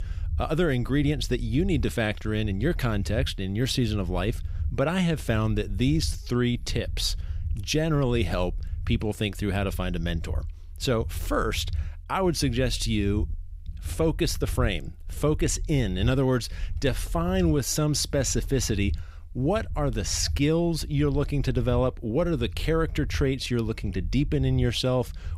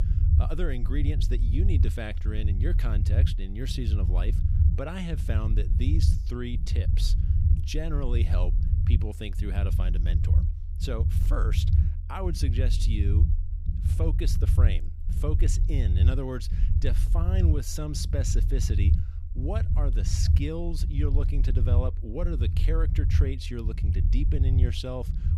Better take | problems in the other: first | low rumble; loud; throughout; 5 dB below the speech; faint in the first

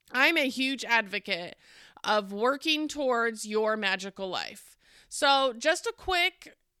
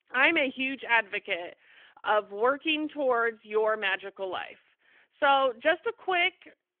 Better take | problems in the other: first | phone-call audio; nothing above 3 kHz

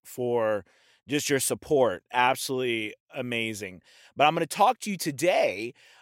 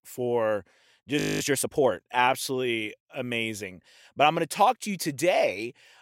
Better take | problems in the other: first | audio freezing; at 1 s

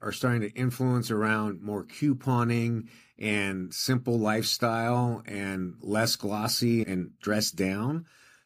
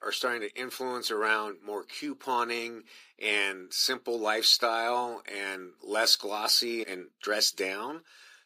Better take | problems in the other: first | thin; very; fading below 400 Hz

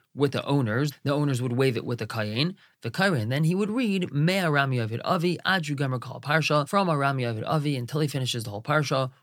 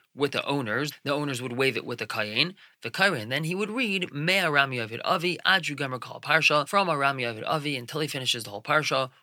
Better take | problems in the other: first | thin; somewhat; fading below 450 Hz

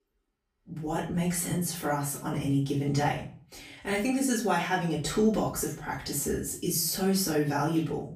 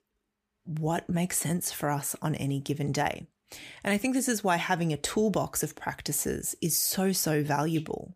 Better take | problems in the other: second | off-mic speech; far // room echo; slight; dies away in 0.4 s

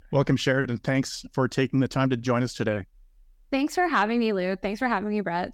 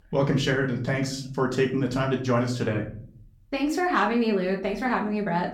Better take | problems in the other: first | room echo; slight; dies away in 0.4 s // off-mic speech; somewhat distant

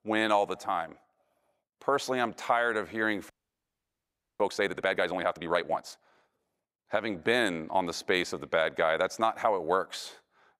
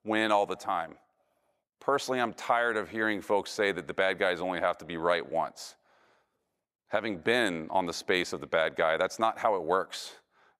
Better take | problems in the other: second | audio freezing; at 3.5 s for 1 s

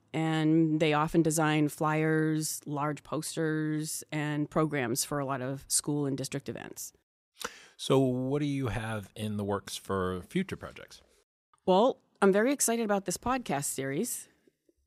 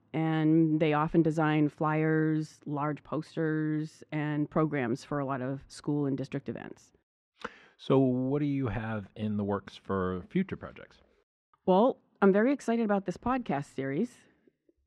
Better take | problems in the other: first | muffled; very; fading above 2.5 kHz

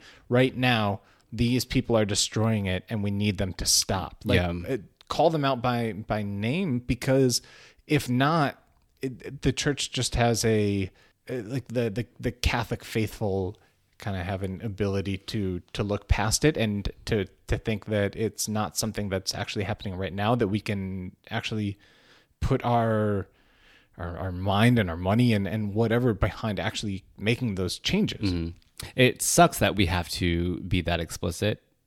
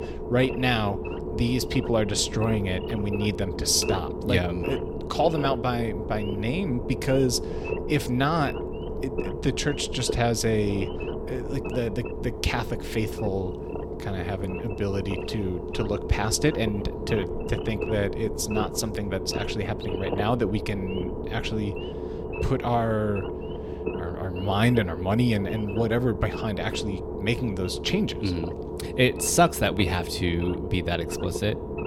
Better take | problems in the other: first | low rumble; loud; throughout; 6 dB below the speech

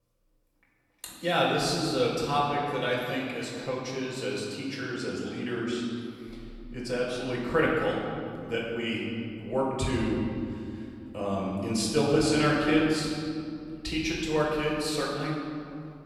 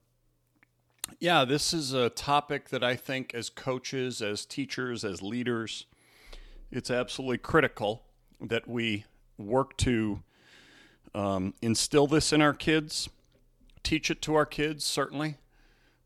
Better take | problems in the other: second | off-mic speech; far // room echo; noticeable; dies away in 2.4 s

